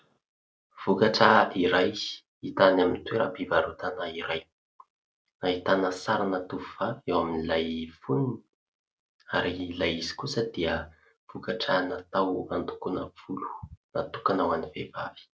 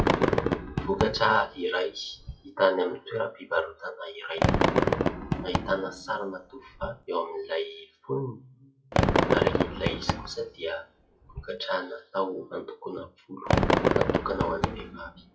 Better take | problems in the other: first | noise reduction (classical method WPE with log-MMSE)

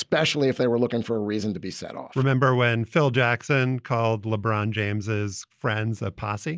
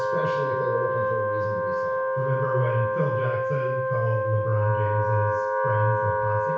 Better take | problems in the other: first | background sound (Wind instrument, woodwind instrument); 3 dB above the speech // room echo; dies away in 0.6 s

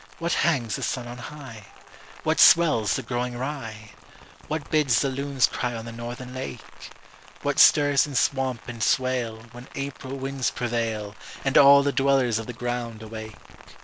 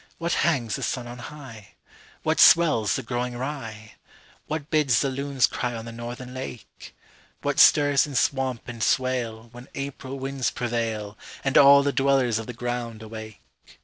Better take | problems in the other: second | background sound (Rain); 20 dB below the speech

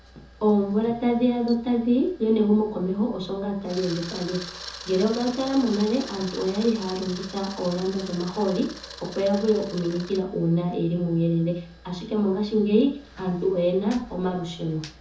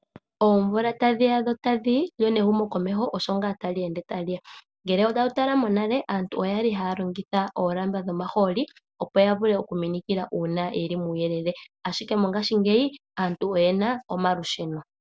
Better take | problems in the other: second | background sound (Camera); 18 dB below the speech // room echo; dies away in 0.6 s

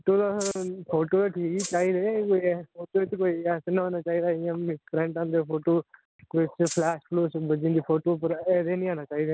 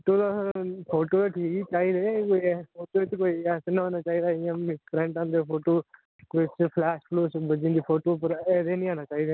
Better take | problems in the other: second | background sound (Rattle (instrument)); 10 dB below the speech

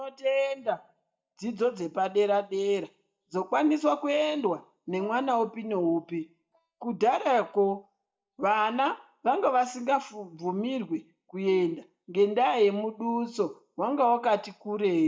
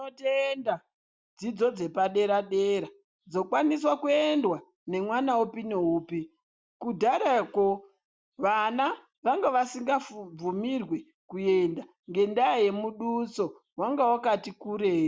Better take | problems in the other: second | noise reduction (neural mask model DeepFilterNet 3)

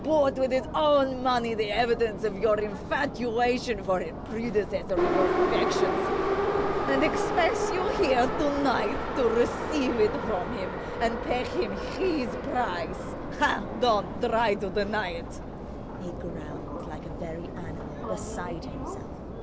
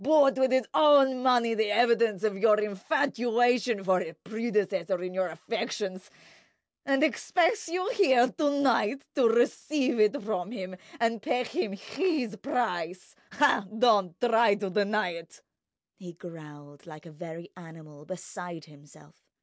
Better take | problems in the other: second | background sound (Subway, metro, underground); 3 dB below the speech

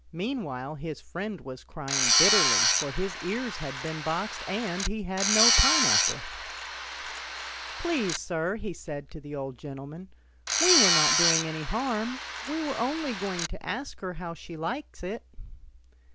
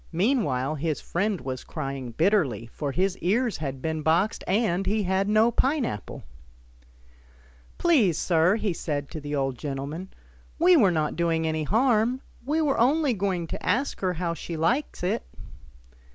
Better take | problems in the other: second | background sound (Tools); 5 dB above the speech

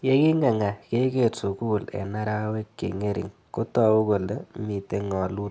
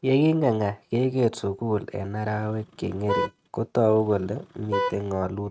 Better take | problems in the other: first | noise reduction (neural mask model RNNoise)

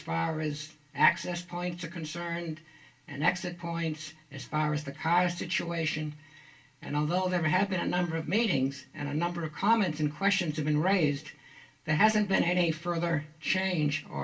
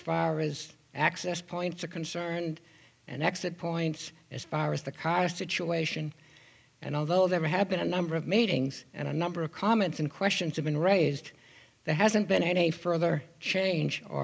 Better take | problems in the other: second | background sound (Piano); 19 dB below the speech // room echo; dies away in 0.2 s

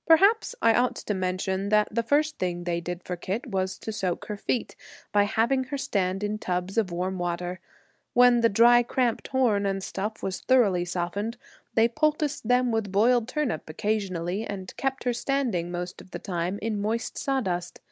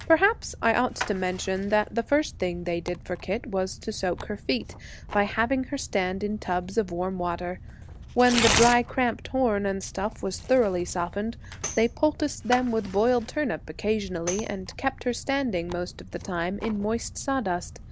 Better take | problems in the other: first | background sound (Tambourine + Tearing); 10 dB below the speech

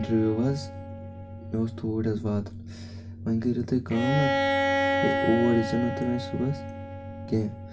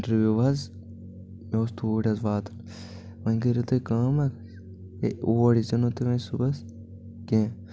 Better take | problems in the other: second | background sound (Bowed string instrument); 3 dB below the speech // room echo; dies away in 0.1 s

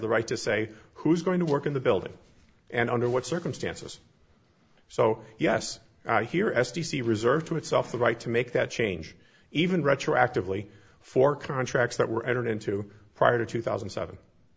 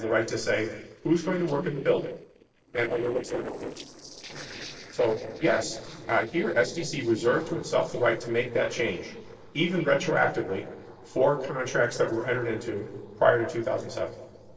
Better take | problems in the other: first | noise reduction (neural separator model SepFormer DNS4)

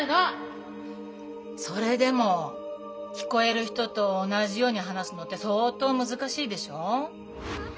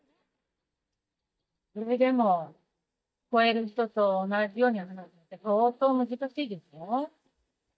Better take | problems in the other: first | noise reduction (neural mask model DeepFilterNet 3)

